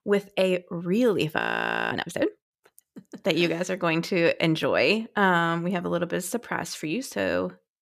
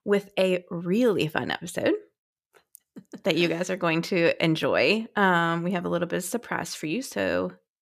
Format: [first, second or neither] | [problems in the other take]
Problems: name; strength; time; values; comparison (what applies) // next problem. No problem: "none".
second | audio freezing; at 1.5 s for 0.5 s